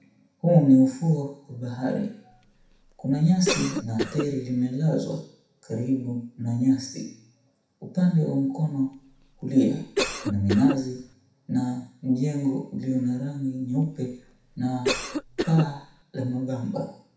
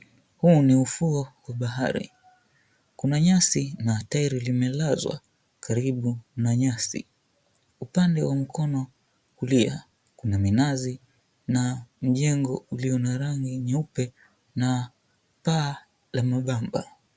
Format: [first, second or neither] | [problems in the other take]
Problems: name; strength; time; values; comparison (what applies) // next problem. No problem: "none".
second | background sound (Cough); 7 dB below the speech // room echo; dies away in 0.7 s